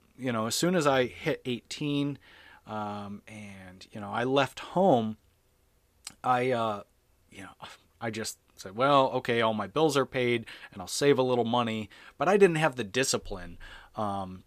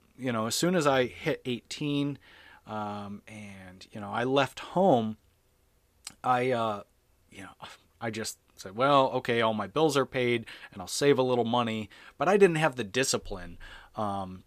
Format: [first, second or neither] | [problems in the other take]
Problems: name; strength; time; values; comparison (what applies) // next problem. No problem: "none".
neither | none